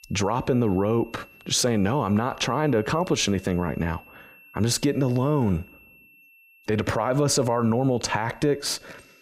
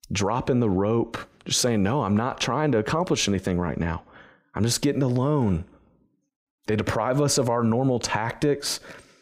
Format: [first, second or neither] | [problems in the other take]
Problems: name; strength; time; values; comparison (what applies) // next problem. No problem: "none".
second | high-pitched whine; faint; throughout; 2.5 kHz, 25 dB below the speech